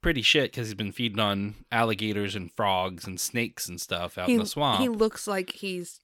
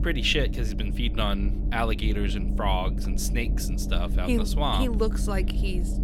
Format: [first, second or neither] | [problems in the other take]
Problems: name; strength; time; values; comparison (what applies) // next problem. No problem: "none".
first | low rumble; noticeable; throughout; 10 dB below the speech